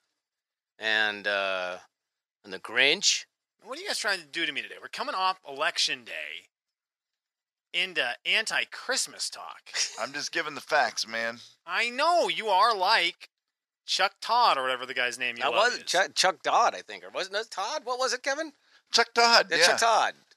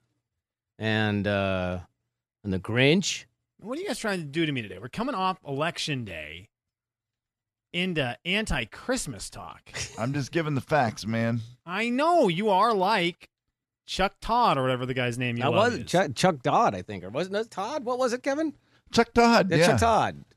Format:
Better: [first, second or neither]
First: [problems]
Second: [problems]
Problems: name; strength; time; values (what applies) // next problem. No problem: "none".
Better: second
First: thin; very; fading below 650 Hz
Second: none